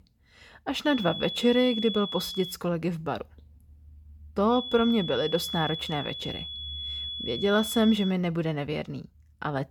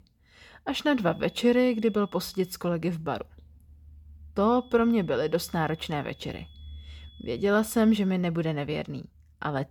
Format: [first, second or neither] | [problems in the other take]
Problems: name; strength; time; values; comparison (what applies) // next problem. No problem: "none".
second | high-pitched whine; loud; from 1 to 2.5 s and from 4.5 to 8 s; 3.5 kHz, 6 dB below the speech; faint in the second